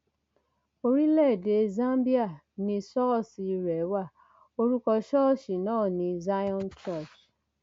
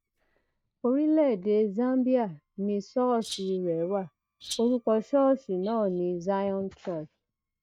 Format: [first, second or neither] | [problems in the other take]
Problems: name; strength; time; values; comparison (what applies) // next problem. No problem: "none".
first | noise reduction (neural mask model DeepFilterNet 3)